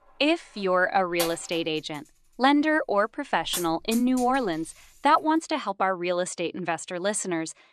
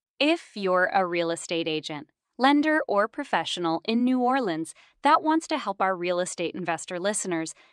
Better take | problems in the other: second | household noises; noticeable; until 5 s; 10 dB below the speech

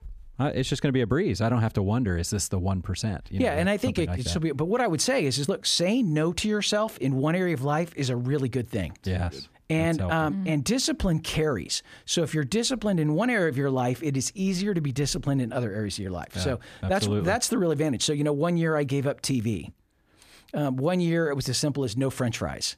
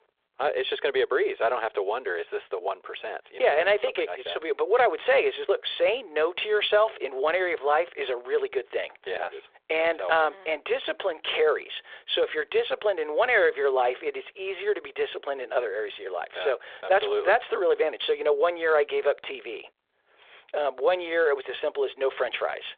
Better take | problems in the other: first | phone-call audio

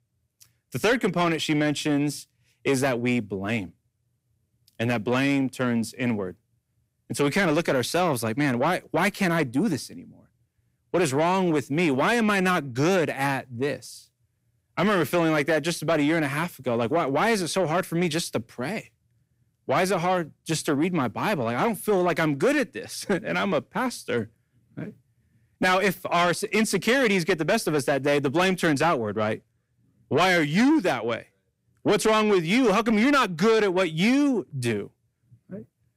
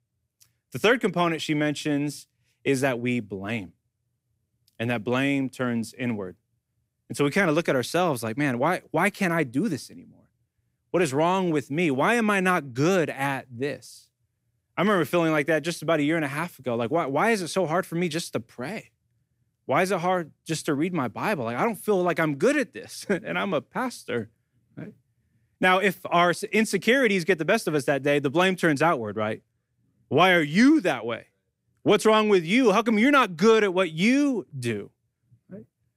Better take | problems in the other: second | distortion; slight; 10 dB below the speech

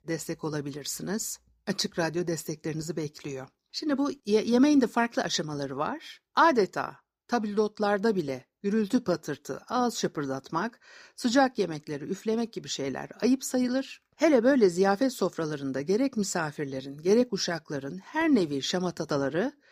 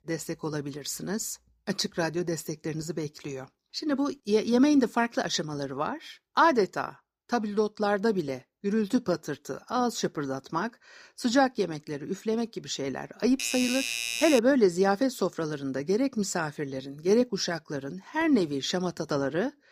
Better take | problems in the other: first | doorbell; noticeable; from 13 to 14 s; peak 1 dB below the speech

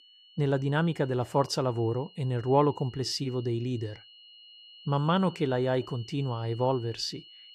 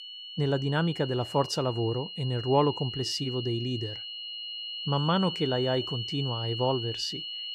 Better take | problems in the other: first | high-pitched whine; loud; throughout; 3 kHz, 6 dB below the speech; faint in the first

